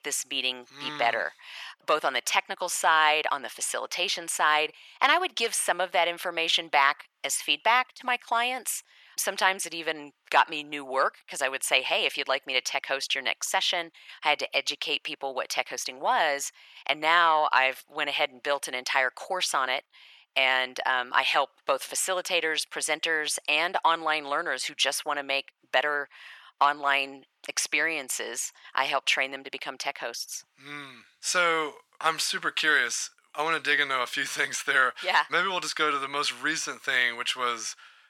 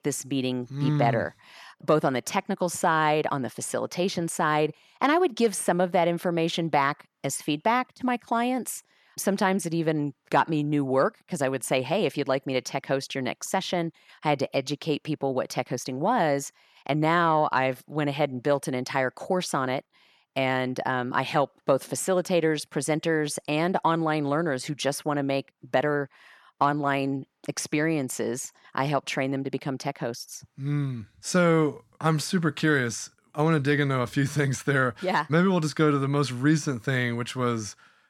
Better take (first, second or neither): second